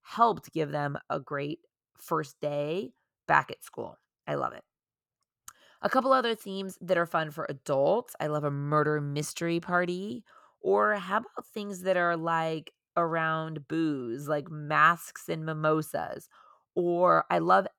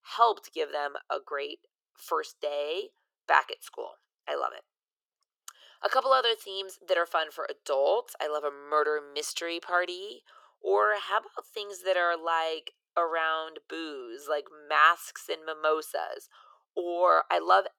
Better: first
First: none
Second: thin; very; fading below 400 Hz

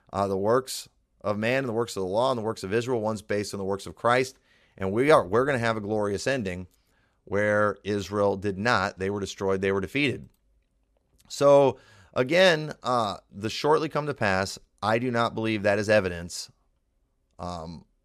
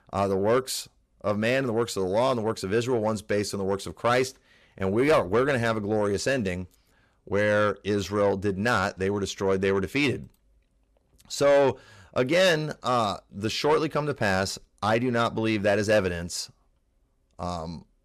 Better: first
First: none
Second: distortion; slight; 10 dB below the speech

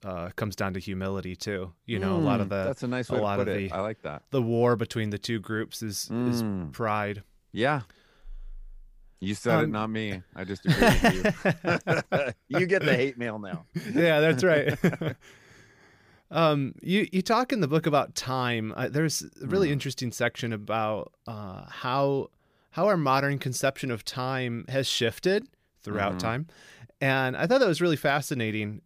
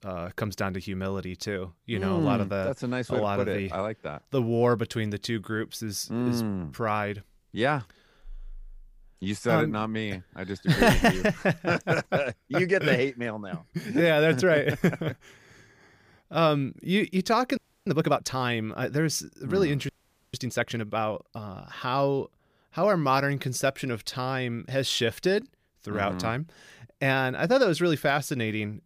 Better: first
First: none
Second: audio freezing; at 18 s and at 20 s

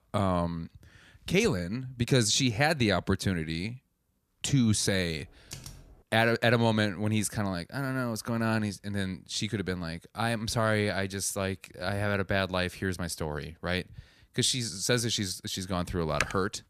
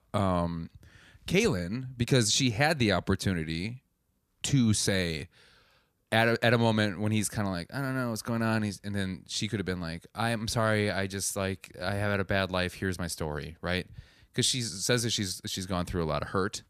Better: second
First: keyboard typing; faint; at 5.5 s; peak 15 dB below the speech // keyboard typing; noticeable; at 16 s; peak 4 dB below the speech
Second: none

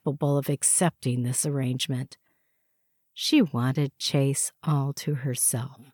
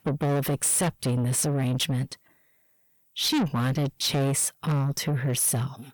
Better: first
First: none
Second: distortion; heavy; 6 dB below the speech

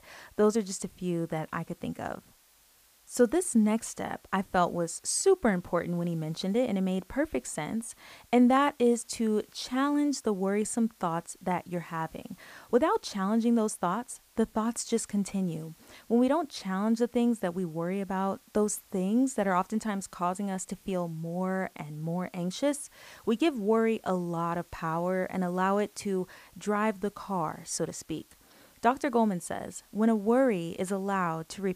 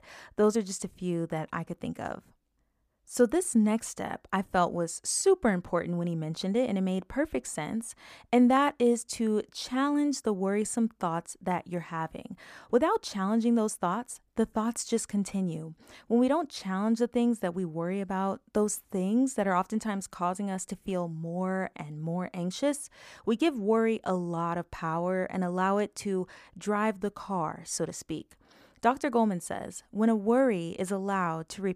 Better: second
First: hiss; faint; throughout; 30 dB below the speech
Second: none

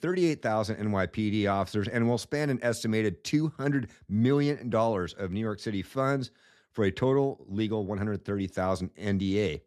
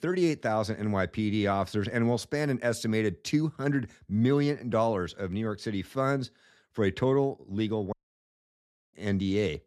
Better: first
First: none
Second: audio cutting out; at 8 s for 1 s

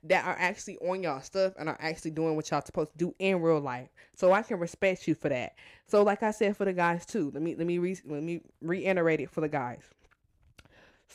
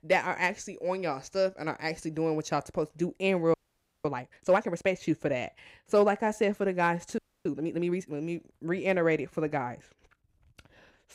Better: first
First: none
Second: audio freezing; at 3.5 s for 0.5 s and at 7 s

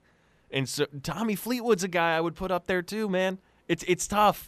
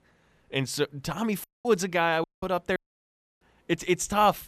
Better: first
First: none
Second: audio cutting out; at 1.5 s, at 2 s and at 3 s for 0.5 s

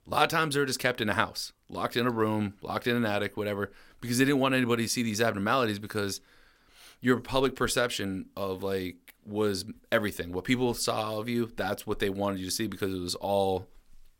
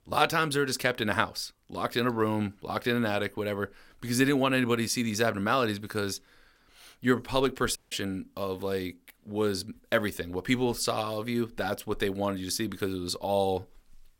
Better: first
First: none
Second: audio cutting out; at 8 s

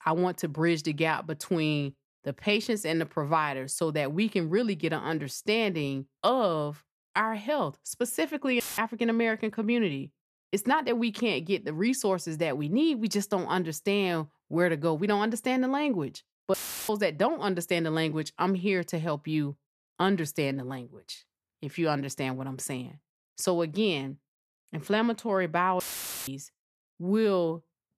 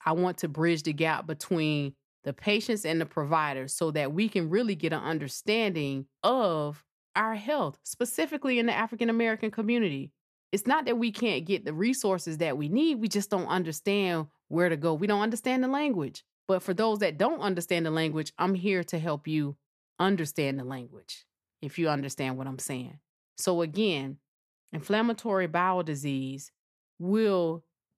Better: second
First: audio cutting out; filled with static; at 8.5 s, at 17 s and at 26 s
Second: none

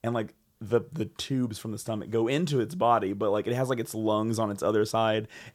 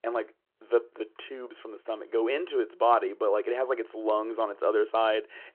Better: first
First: none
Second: phone-call audio

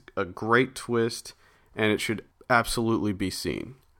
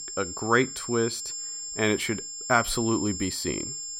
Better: first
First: none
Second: high-pitched whine; loud; throughout; 7.5 kHz, 6 dB below the speech

